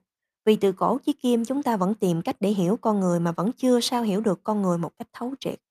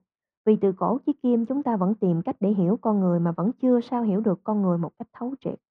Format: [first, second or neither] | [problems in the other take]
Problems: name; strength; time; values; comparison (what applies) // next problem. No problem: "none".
first | muffled; very; fading above 1 kHz